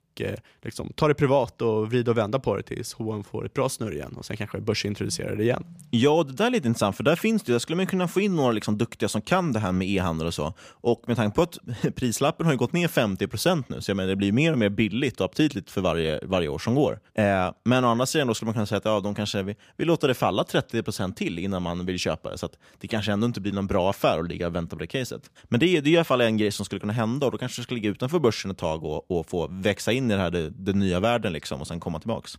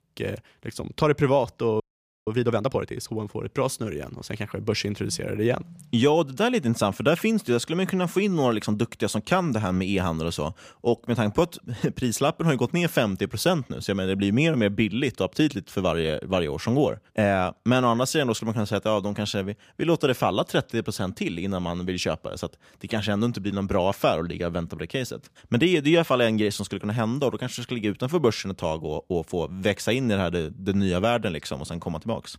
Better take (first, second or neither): first